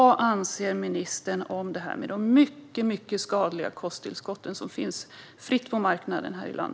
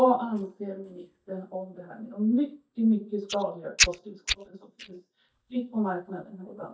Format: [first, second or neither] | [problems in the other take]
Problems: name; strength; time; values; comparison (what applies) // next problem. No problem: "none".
first | noise reduction (neural mask model DeepFilterNet 3)